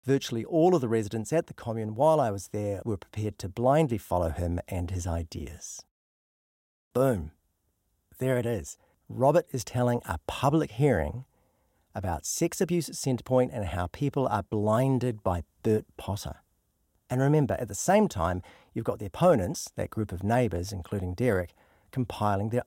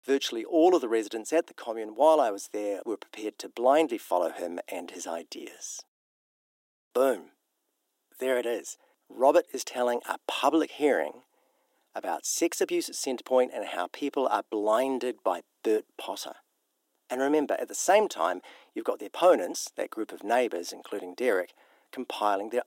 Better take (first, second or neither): first